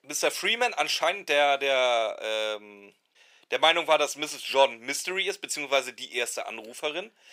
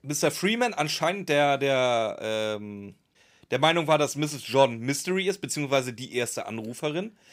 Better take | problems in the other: second | thin; somewhat; fading below 550 Hz

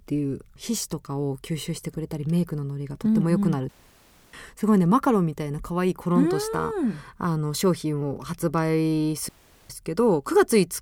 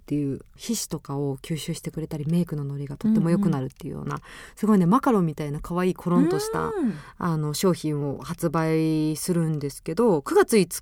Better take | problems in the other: second | audio cutting out; at 3.5 s for 0.5 s and at 9.5 s

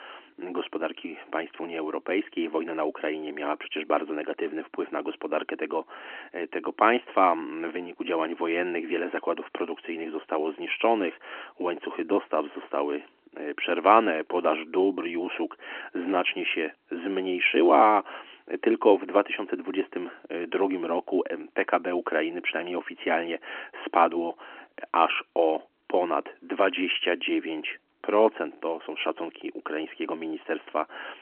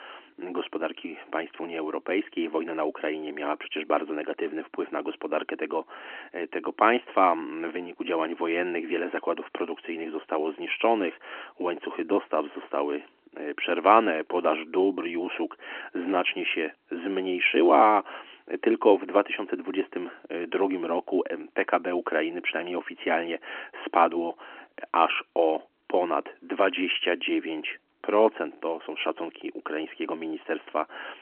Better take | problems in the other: neither | phone-call audio; nothing above 3 kHz; the same in both

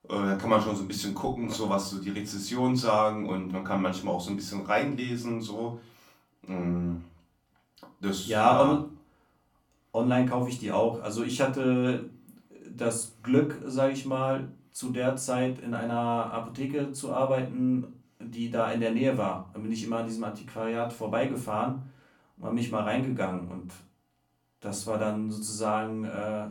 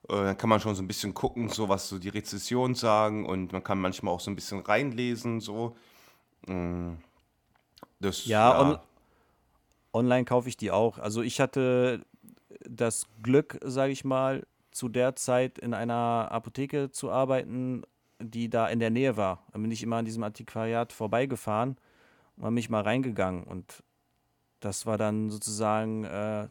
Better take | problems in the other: second | room echo; slight; dies away in 0.3 s // off-mic speech; far

